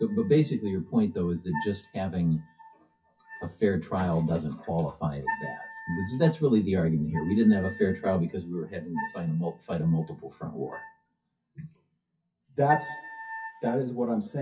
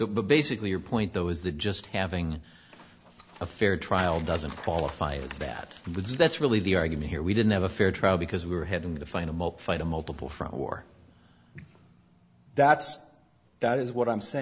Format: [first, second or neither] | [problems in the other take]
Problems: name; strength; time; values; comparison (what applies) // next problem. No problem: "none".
second | noise reduction (classical method WPE with log-MMSE)